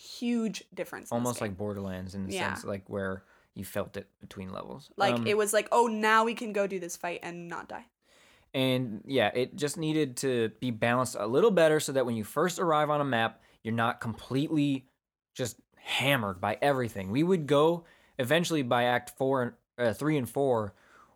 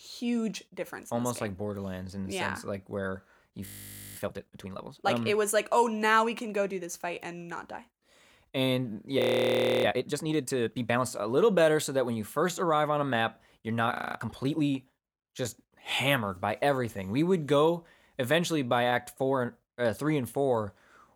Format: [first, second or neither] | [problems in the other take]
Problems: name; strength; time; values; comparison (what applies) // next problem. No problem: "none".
first | audio freezing; at 3.5 s for 0.5 s, at 9 s for 0.5 s and at 14 s